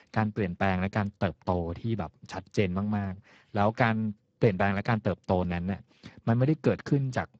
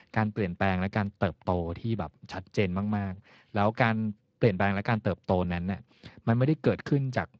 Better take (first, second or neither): second